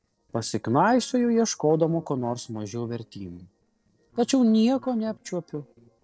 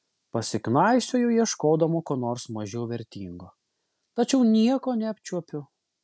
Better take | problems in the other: second | noise reduction (neural separator model SepFormer DNS4)

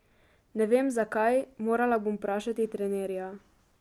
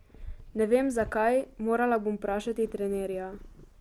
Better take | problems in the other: first | background sound (Purr); 18 dB below the speech

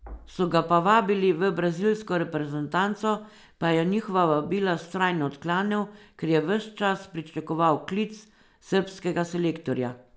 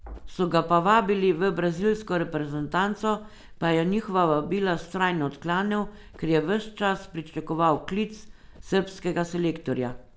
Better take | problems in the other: first | background sound (Run); 19 dB below the speech

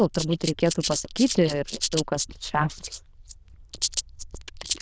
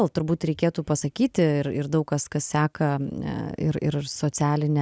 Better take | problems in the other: second | noise reduction (neural diffusion model UNIVERSE++)

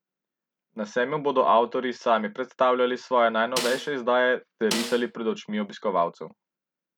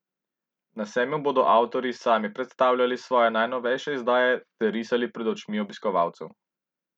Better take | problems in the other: second | background sound (Snare drum); 9 dB below the speech

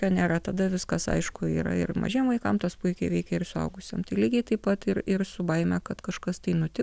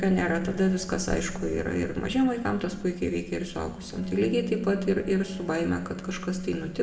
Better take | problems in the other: first | background sound (Bowed string instrument); 10 dB below the speech // room echo; dies away in 1.4 s

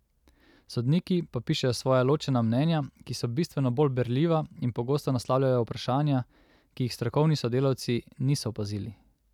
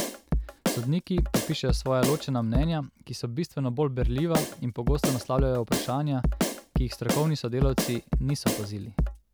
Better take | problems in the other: first | background sound (Drum kit); 1 dB below the speech

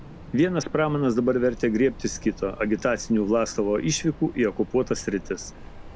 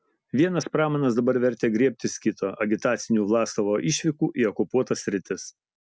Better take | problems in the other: second | background sound (Train); 16 dB below the speech

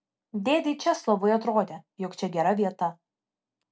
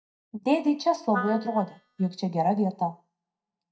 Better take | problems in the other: first | noise reduction (neural mask model DeepFilterNet 3)

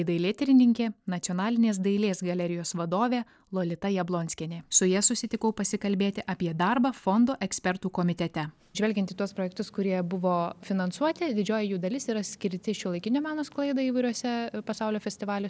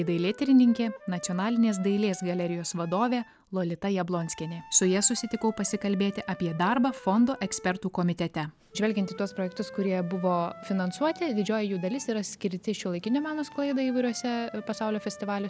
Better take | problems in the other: first | background sound (Wind instrument, woodwind instrument); 19 dB below the speech

